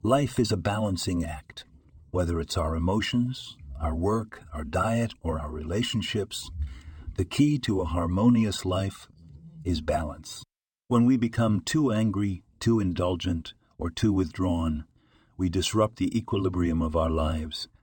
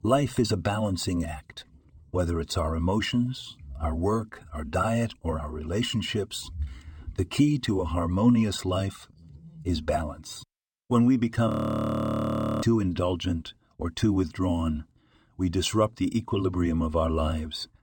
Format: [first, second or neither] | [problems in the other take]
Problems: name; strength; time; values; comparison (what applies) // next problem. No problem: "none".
first | audio freezing; at 11 s for 1 s